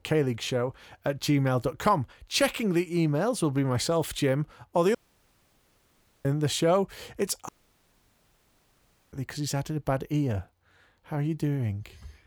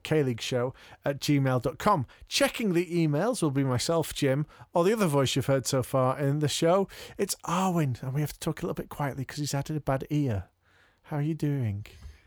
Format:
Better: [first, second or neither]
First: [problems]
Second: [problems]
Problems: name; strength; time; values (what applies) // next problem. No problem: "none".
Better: second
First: audio cutting out; at 5 s for 1.5 s and at 7.5 s for 1.5 s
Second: none